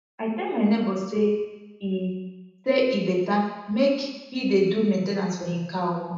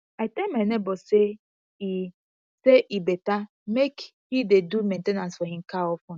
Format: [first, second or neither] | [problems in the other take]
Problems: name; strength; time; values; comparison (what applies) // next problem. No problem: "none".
second | room echo; dies away in 1 s